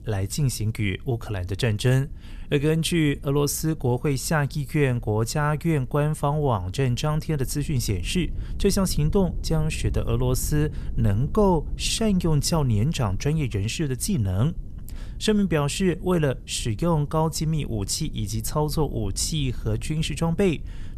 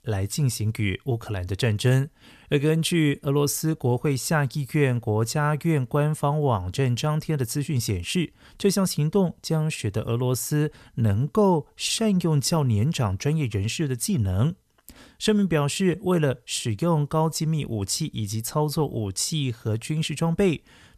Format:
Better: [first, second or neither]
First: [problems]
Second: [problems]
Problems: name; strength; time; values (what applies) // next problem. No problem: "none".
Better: second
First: low rumble; faint; throughout; 25 dB below the speech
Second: none